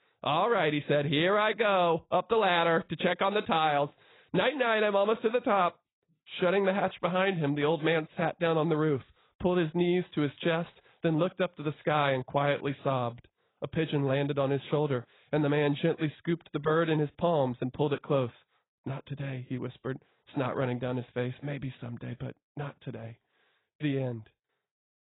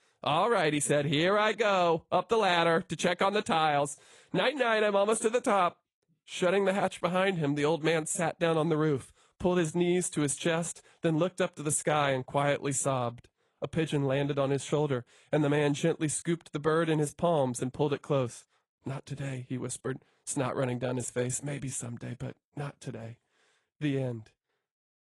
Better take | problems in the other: second | garbled, watery; badly; nothing above 4 kHz; slightly in the second

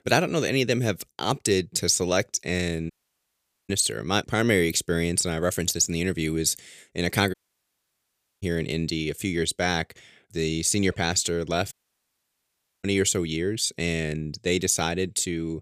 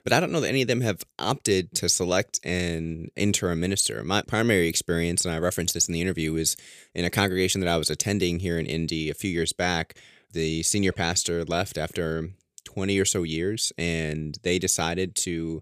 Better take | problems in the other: second | audio cutting out; at 3 s for 1 s, at 7.5 s for 1 s and at 12 s for 1 s

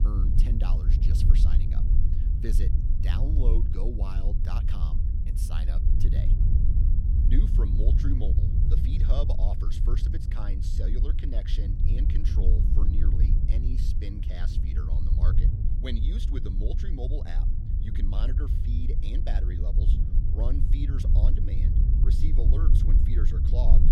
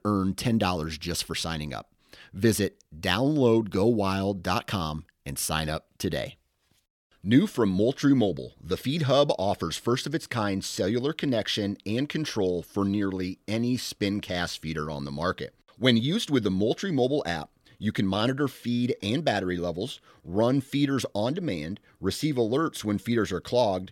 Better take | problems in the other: second | low rumble; loud; throughout; 1 dB below the speech

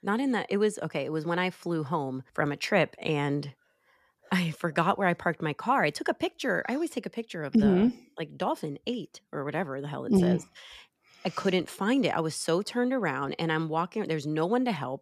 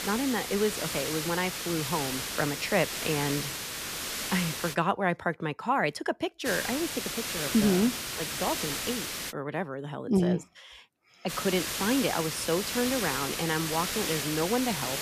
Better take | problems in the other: first | hiss; loud; until 4.5 s, from 6.5 to 9.5 s and from 11 s on; 2 dB below the speech

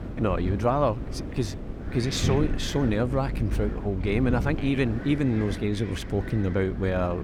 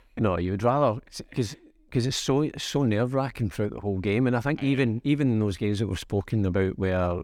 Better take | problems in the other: second | wind noise on the microphone; heavy; 10 dB below the speech

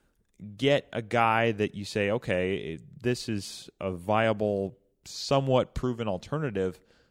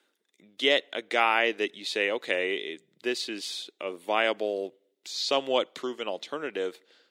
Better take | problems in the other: first | thin; somewhat; fading below 300 Hz

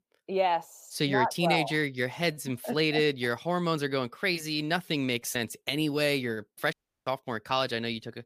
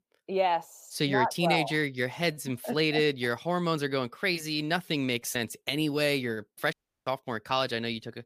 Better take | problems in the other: neither | audio cutting out; at 6.5 s; the same in both

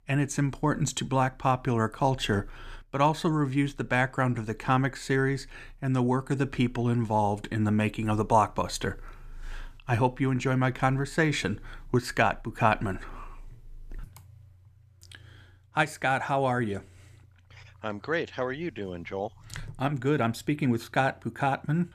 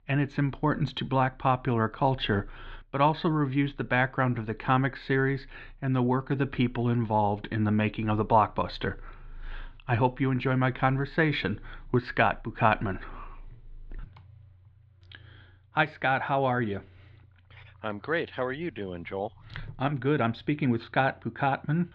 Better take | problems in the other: first | muffled; slightly; fading above 4 kHz

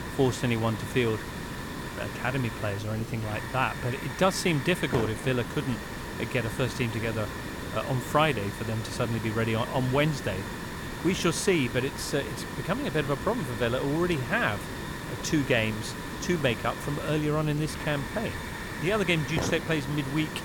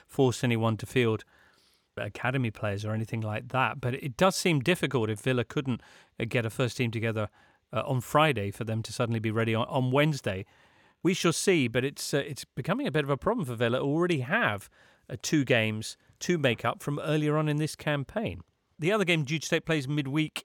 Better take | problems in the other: second | hiss; loud; throughout; 7 dB below the speech

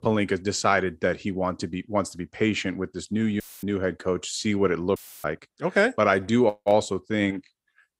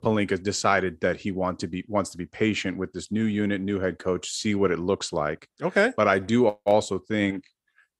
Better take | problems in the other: second | audio cutting out; filled with static; at 3.5 s and at 5 s

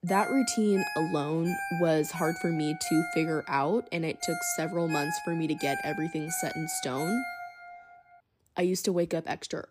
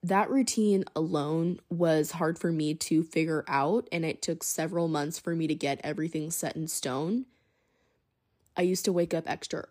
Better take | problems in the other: second | phone ringing; noticeable; until 8 s; peak 4 dB below the speech

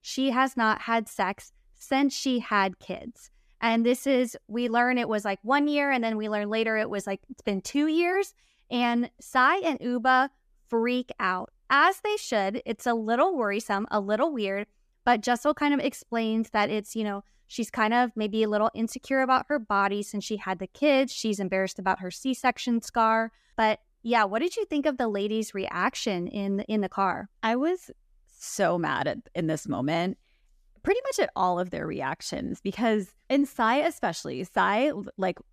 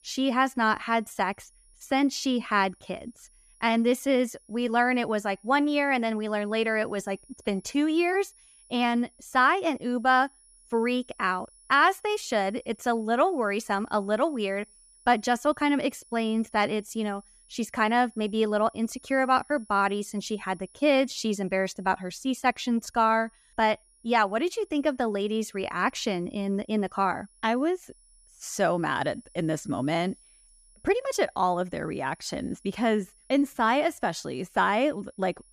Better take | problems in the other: first | high-pitched whine; faint; throughout; 10.5 kHz, 30 dB below the speech

